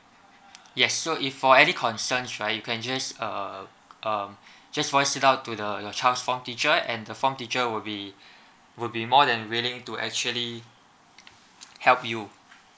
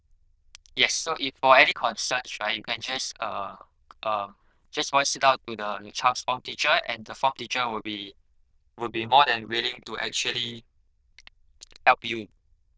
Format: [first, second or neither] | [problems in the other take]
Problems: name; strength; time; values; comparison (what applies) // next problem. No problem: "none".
first | noise reduction (neural diffusion model UNIVERSE++)